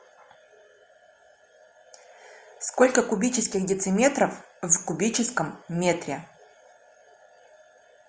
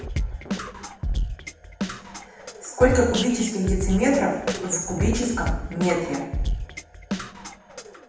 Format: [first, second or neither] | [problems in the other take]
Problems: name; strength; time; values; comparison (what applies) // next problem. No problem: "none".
first | background sound (Drum kit); 3 dB below the speech // room echo; dies away in 0.8 s